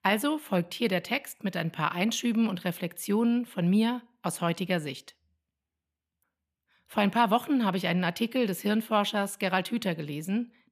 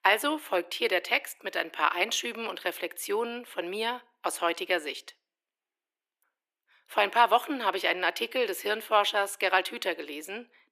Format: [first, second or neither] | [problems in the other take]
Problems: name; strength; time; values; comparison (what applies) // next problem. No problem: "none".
first | thin; very; fading below 350 Hz